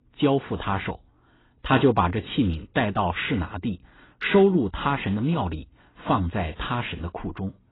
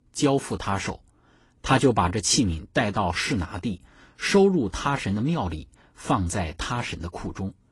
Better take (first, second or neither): second